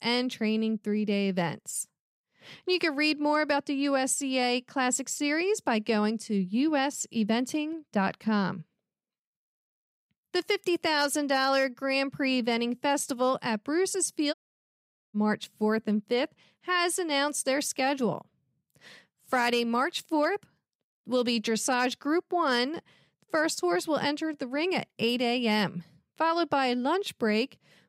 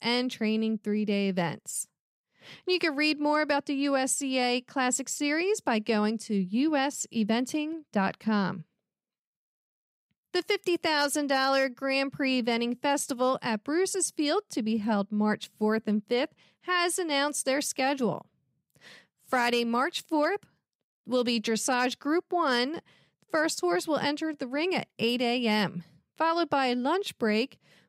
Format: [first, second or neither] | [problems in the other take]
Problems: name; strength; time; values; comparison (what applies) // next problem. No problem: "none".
second | audio cutting out; at 14 s for 1 s